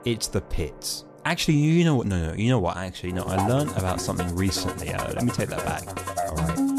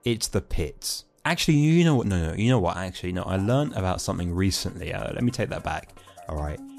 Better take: second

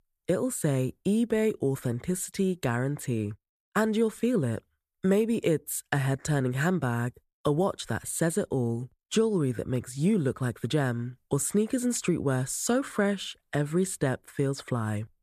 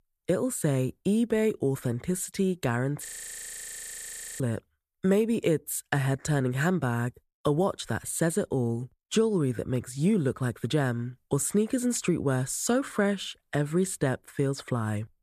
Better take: first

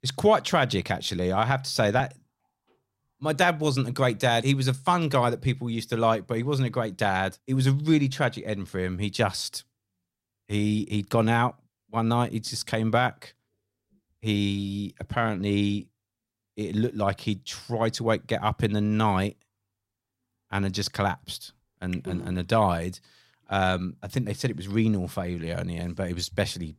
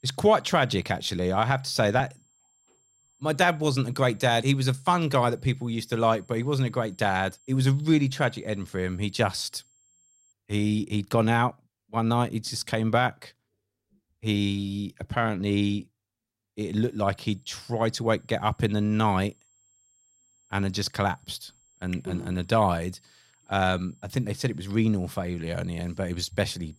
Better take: first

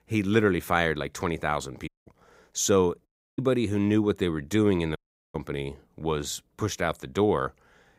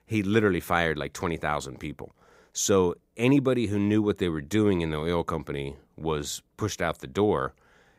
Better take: second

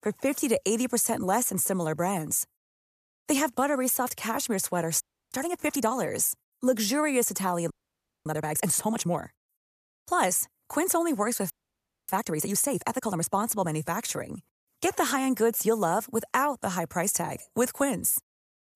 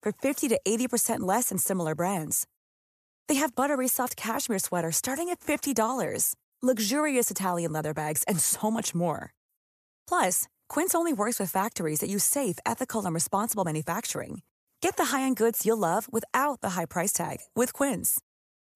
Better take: second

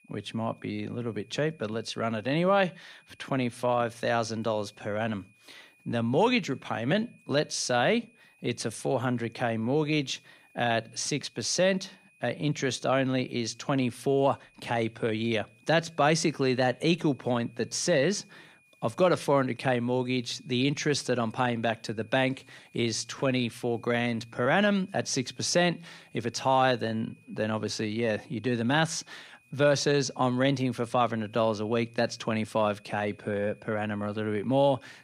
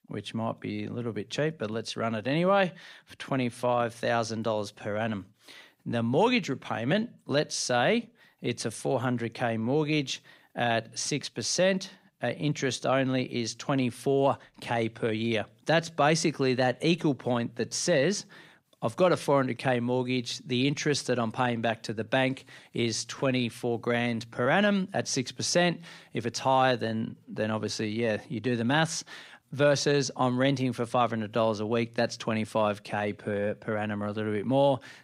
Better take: second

